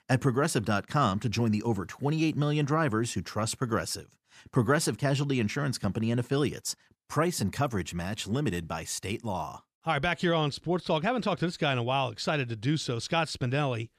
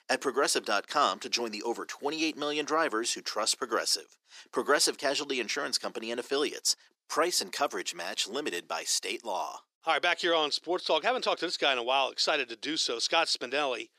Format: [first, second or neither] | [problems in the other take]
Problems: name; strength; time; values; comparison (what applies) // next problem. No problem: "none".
first | thin; very; fading below 350 Hz